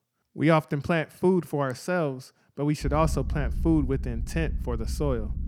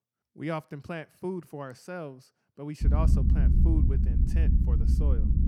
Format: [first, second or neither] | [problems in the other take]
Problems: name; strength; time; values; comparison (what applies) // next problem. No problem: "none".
first | low rumble; loud; from 3 s on; 1 dB below the speech; faint in the first